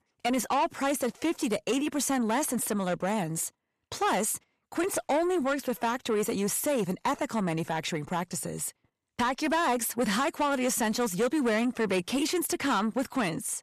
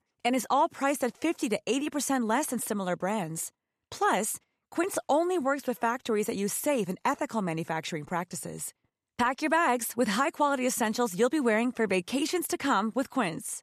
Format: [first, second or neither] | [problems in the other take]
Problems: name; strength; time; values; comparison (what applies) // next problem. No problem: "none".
second | distortion; slight; 10 dB below the speech